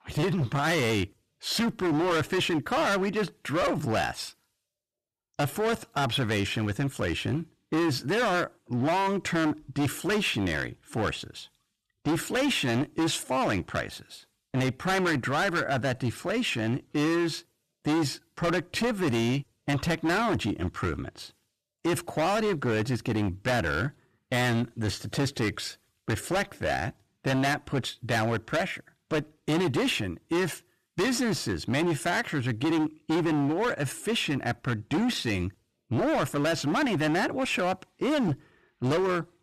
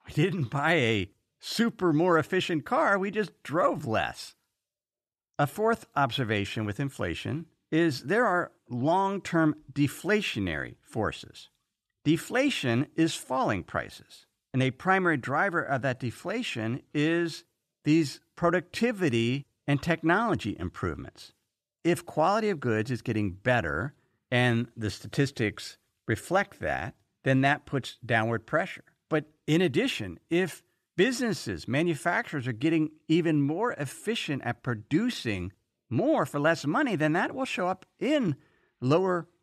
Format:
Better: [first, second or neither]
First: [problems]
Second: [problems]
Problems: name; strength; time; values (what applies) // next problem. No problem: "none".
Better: second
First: distortion; heavy; 19% of the sound clipped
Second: none